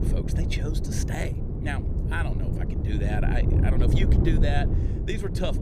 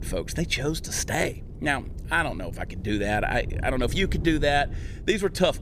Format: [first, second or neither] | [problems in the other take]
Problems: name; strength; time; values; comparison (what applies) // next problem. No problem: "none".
second | wind noise on the microphone; heavy; 2 dB below the speech; occasional gusts in the second